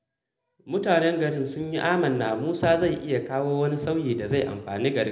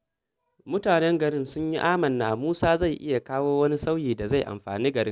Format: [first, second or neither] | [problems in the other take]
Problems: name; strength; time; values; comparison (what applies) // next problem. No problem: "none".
second | room echo; dies away in 0.7 s